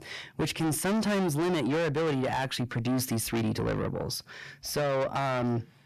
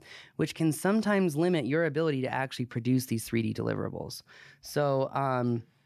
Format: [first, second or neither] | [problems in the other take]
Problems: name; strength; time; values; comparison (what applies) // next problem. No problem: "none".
second | distortion; heavy; 5 dB below the speech